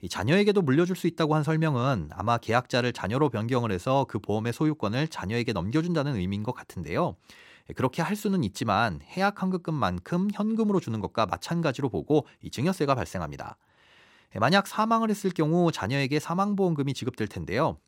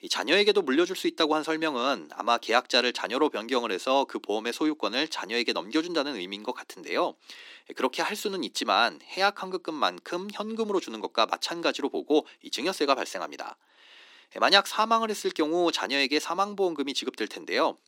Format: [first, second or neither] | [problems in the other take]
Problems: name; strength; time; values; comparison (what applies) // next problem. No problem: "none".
first | thin; somewhat; fading below 250 Hz